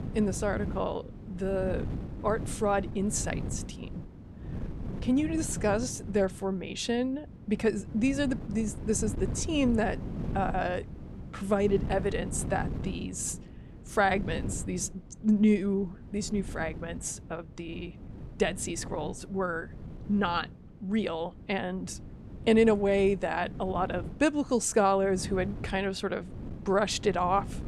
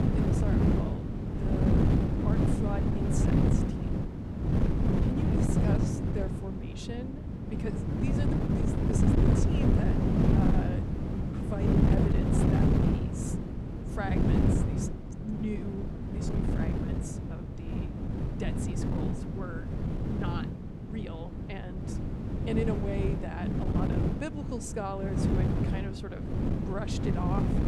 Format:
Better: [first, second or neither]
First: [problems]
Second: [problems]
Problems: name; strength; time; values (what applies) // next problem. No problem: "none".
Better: first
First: wind noise on the microphone; occasional gusts; 15 dB below the speech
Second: wind noise on the microphone; heavy; 5 dB above the speech